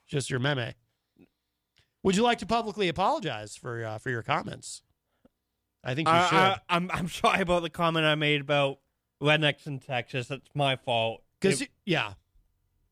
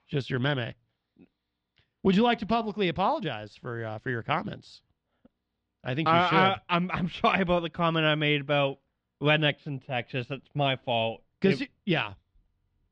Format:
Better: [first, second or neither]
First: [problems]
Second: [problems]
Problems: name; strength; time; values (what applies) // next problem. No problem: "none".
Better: first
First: none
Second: muffled; very slightly; fading above 4 kHz